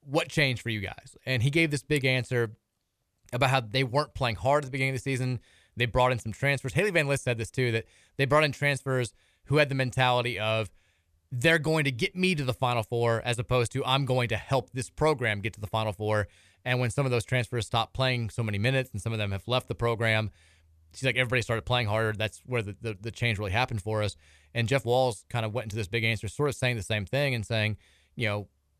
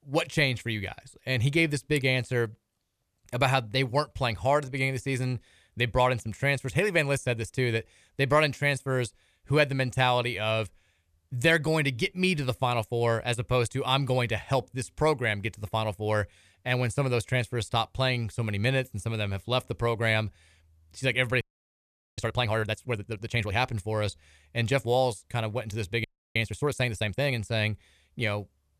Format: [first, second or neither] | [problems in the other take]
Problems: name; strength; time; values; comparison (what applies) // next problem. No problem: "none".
first | audio freezing; at 21 s for 1 s and at 26 s